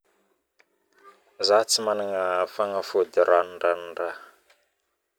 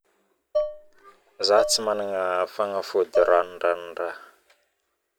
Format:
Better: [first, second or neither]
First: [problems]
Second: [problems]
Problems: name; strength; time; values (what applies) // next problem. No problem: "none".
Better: first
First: none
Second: background sound (Dishes, pots, and pans); 4 dB below the speech